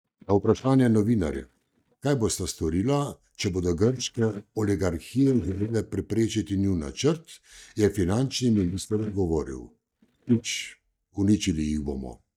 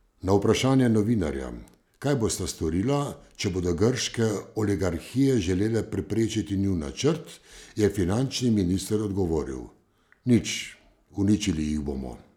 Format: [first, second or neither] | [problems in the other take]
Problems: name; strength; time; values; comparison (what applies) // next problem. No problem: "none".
second | noise reduction (neural mask model DeepFilterNet 3)